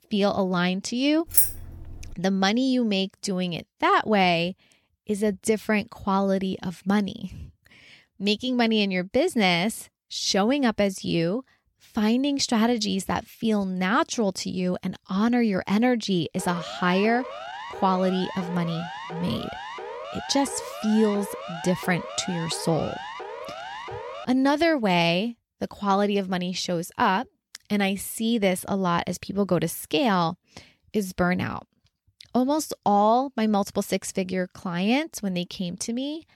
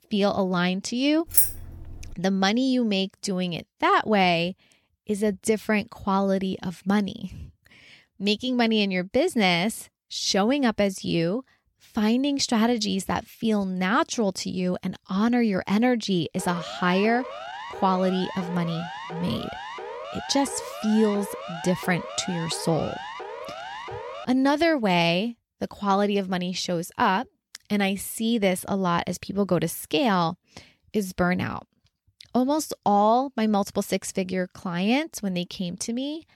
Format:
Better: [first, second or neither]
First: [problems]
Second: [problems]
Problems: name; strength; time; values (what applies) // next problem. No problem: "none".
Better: neither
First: jangling keys; loud; at 1.5 s; peak 6 dB above the speech // siren; faint; from 16 to 24 s; peak 10 dB below the speech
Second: jangling keys; loud; at 1.5 s; peak 6 dB above the speech // siren; faint; from 16 to 24 s; peak 10 dB below the speech